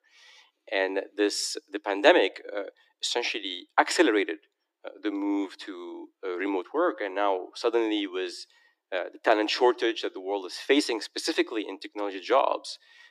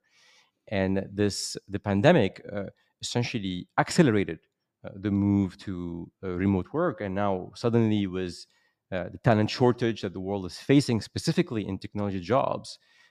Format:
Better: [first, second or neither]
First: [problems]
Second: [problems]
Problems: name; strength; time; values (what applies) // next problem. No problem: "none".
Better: second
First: thin; somewhat; fading below 300 Hz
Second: none